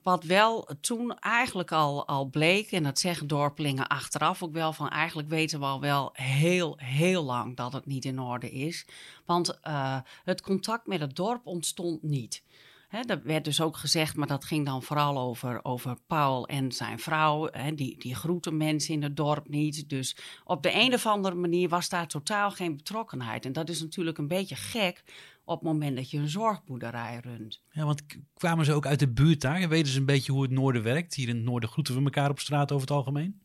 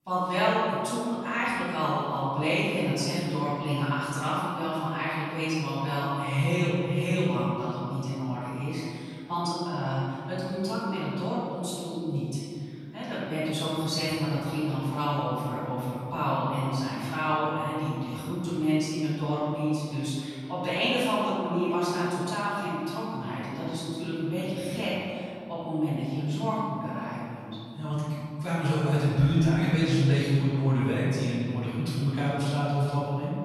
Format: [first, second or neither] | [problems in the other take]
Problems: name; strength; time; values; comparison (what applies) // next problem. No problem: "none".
first | off-mic speech; far // room echo; strong; dies away in 2.5 s